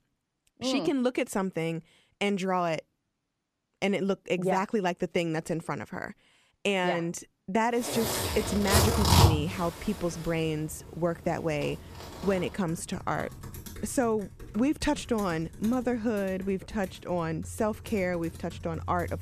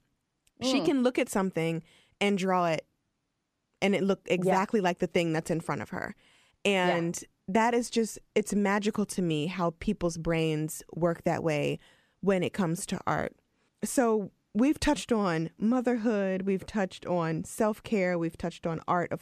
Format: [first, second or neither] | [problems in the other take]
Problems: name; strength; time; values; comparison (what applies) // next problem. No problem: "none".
second | household noises; loud; from 8 s on; as loud as the speech